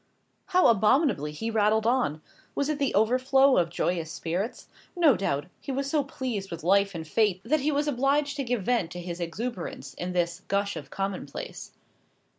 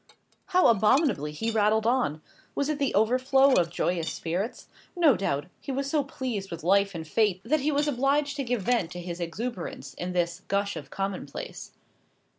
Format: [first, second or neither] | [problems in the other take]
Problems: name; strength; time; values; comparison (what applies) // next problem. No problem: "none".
first | background sound (Dishes, pots, and pans + Cutlery, silverware / Dishes, pots, and pans); 18 dB below the speech